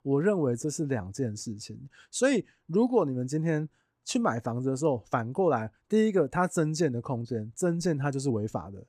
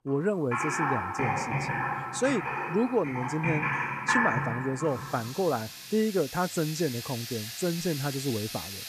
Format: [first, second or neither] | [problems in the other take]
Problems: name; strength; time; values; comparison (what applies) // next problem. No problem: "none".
first | household noises; loud; throughout; 1 dB below the speech